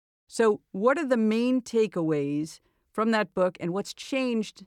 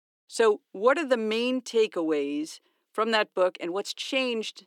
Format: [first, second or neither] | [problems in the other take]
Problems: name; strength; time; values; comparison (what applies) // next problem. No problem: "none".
first | thin; very slightly; fading below 300 Hz